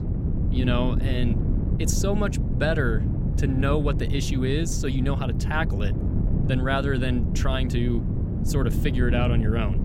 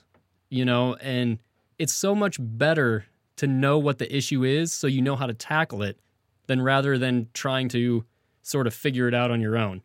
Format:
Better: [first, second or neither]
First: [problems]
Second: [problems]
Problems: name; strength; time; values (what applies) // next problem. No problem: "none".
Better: second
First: wind noise on the microphone; heavy; 7 dB below the speech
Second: none